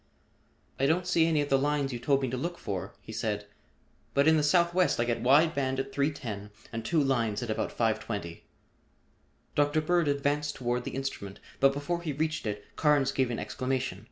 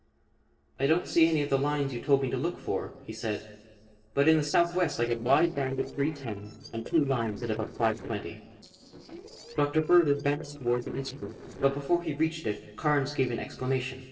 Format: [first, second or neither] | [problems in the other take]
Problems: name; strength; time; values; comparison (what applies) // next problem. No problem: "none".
first | noise reduction (neural separator model SepFormer DNS4)